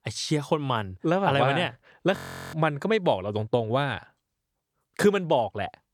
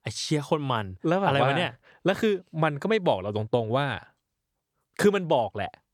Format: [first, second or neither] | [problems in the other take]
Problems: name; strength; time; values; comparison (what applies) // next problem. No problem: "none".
second | audio freezing; at 2 s